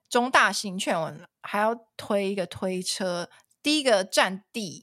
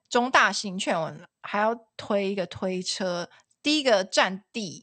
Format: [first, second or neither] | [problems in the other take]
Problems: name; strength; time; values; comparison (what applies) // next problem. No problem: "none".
first | garbled, watery; slightly; nothing above 8.5 kHz